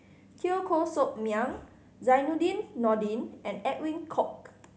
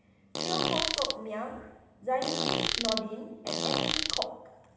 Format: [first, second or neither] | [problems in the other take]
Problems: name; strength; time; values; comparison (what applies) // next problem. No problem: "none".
first | background sound (Fart); 4 dB above the speech // room echo; dies away in 1 s